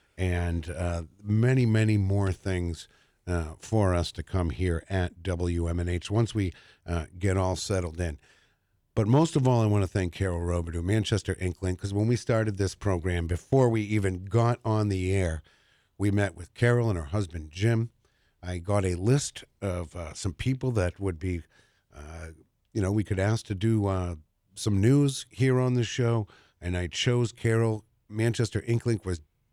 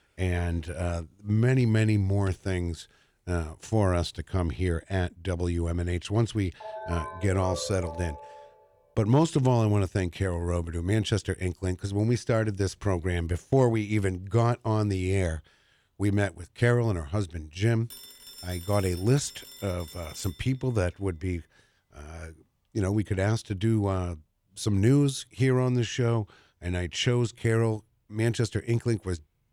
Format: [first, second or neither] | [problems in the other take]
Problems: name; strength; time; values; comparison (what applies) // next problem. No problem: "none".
first | phone ringing; noticeable; from 6.5 to 8.5 s; peak 9 dB below the speech // phone ringing; faint; from 18 to 20 s; peak 15 dB below the speech